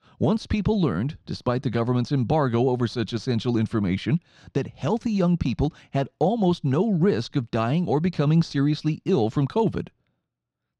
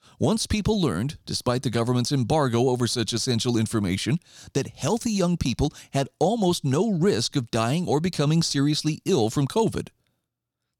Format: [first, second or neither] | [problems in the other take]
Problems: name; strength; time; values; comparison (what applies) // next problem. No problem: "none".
second | muffled; slightly; fading above 2.5 kHz